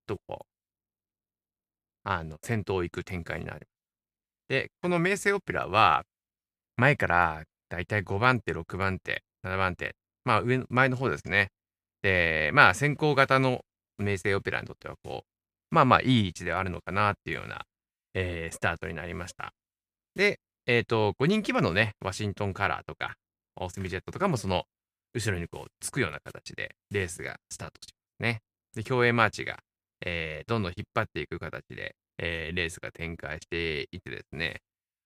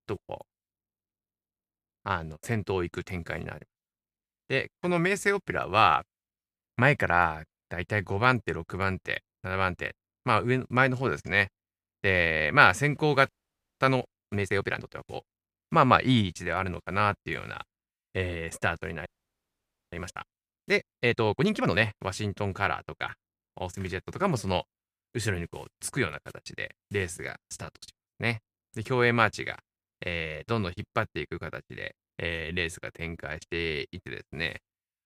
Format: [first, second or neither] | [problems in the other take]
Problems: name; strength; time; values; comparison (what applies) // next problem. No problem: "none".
first | audio freezing; at 13 s for 0.5 s and at 19 s for 1 s